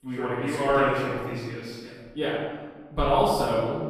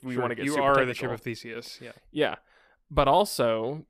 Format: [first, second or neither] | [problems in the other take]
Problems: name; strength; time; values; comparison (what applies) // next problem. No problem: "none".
second | room echo; strong; dies away in 1.4 s // off-mic speech; far